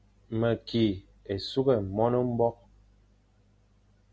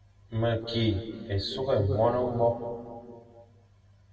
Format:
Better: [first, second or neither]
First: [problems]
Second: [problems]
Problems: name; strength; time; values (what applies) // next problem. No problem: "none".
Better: first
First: none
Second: room echo; dies away in 2.2 s